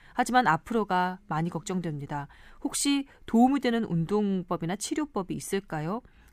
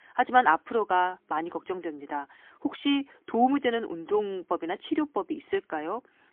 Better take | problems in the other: first | phone-call audio; poor line; nothing above 3 kHz

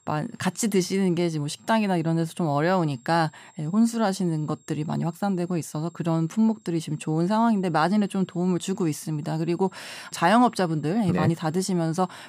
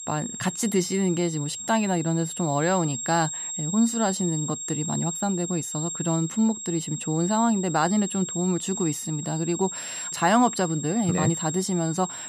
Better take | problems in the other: first | high-pitched whine; loud; throughout; 7.5 kHz, 6 dB below the speech; faint in the first

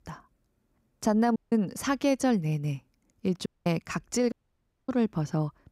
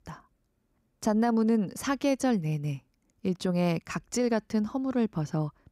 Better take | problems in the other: second | audio cutting out; at 1.5 s, at 3.5 s and at 4.5 s for 0.5 s

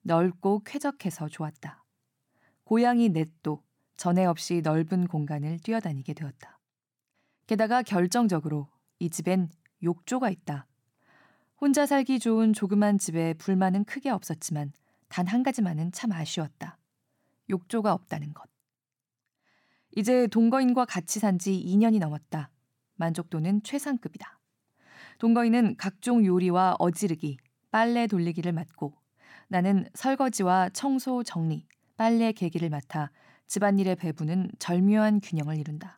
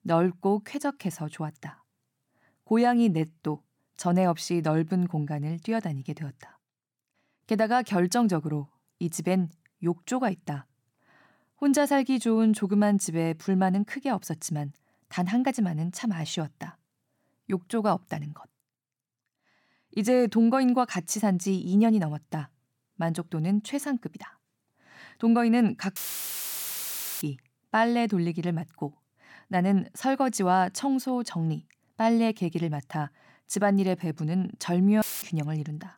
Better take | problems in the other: first | audio cutting out; filled with static; at 26 s for 1.5 s and at 35 s

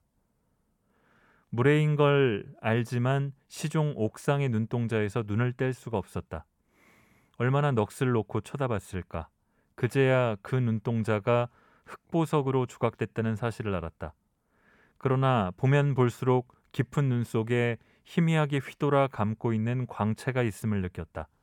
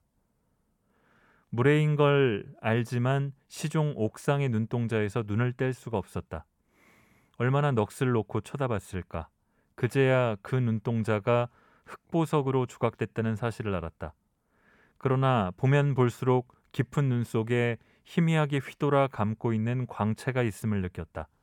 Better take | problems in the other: neither | none

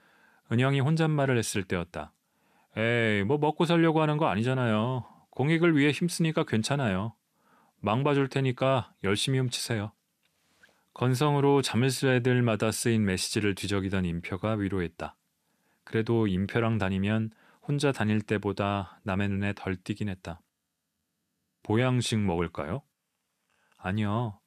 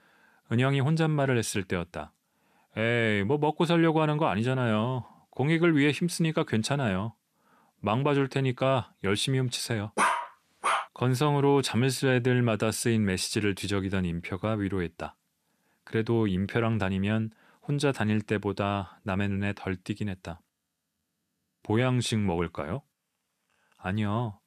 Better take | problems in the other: first | dog barking; loud; at 10 s; peak 1 dB above the speech

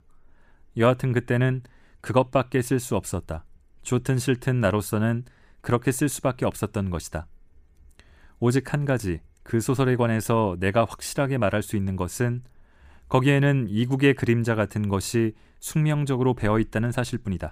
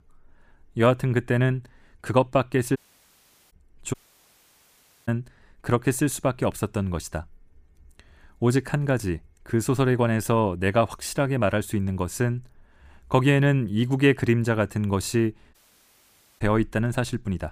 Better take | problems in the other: first | audio cutting out; at 3 s for 1 s, at 4 s for 1 s and at 16 s for 1 s

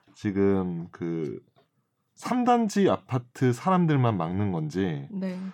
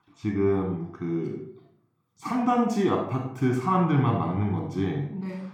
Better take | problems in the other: first | off-mic speech; somewhat distant // room echo; noticeable; dies away in 0.5 s

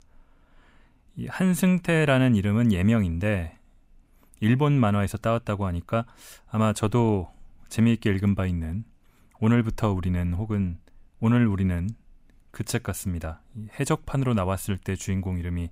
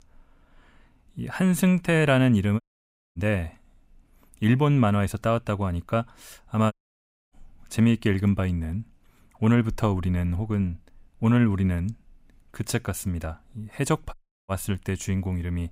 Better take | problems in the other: first | audio cutting out; at 2.5 s for 0.5 s, at 6.5 s for 0.5 s and at 14 s

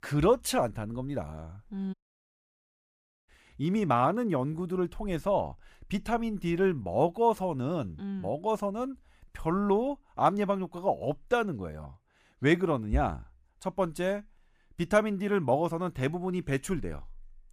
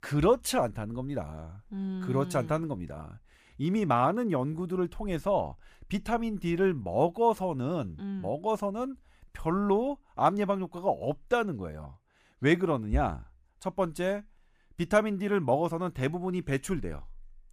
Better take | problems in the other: second | audio cutting out; at 2 s for 1.5 s

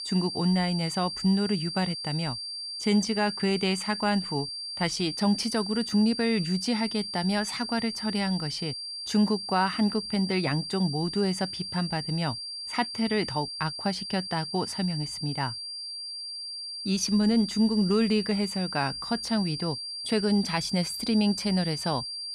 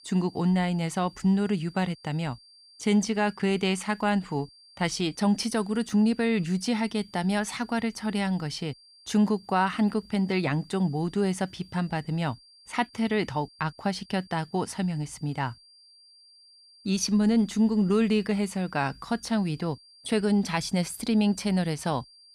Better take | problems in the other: second | high-pitched whine; loud; throughout; 4.5 kHz, 6 dB below the speech; faint in the second

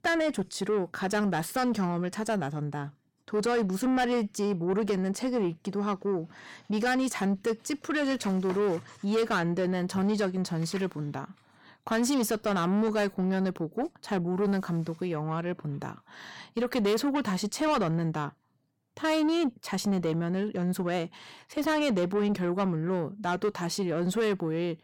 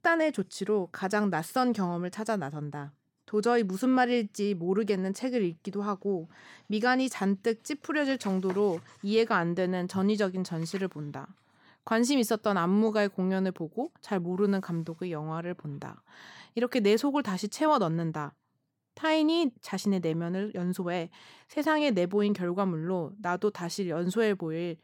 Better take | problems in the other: second | distortion; slight; 10 dB below the speech

